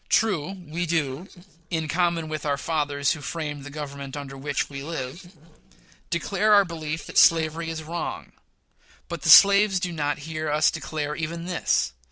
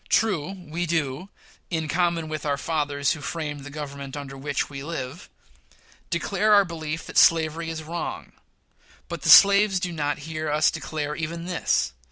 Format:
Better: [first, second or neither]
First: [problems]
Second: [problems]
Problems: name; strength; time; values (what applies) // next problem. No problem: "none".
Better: second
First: noise reduction (neural separator model SepFormer DNS4)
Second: none